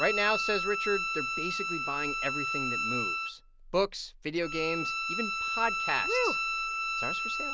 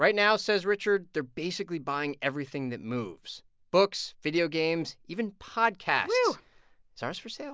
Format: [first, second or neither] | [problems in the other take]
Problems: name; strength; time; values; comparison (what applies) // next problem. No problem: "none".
second | background sound (Bowed string instrument); 1 dB above the speech